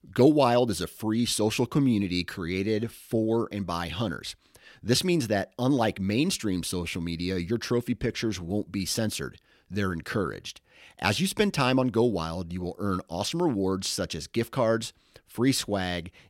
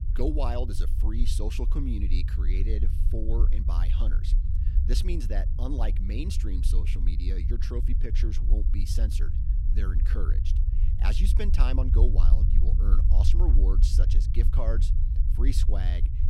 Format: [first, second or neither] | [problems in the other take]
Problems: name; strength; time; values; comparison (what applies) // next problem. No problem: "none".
first | low rumble; loud; throughout; 7 dB below the speech